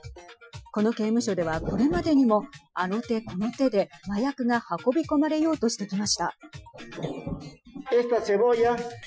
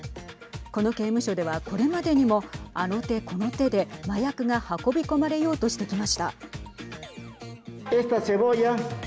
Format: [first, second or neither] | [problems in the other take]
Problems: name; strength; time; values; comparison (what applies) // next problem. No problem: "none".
second | noise reduction (classical method Wiener filter)